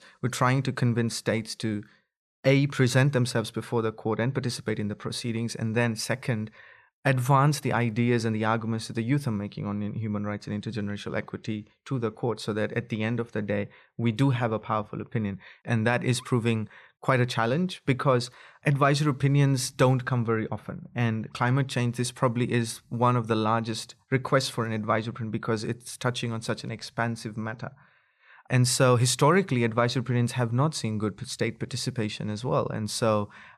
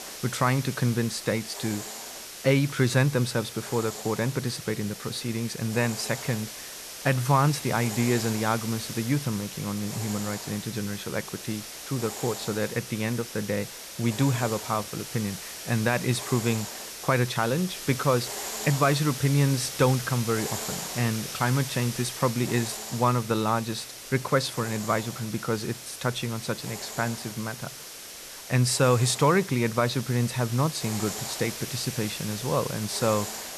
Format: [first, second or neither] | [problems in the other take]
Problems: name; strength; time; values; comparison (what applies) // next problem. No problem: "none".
first | hiss; loud; throughout; 8 dB below the speech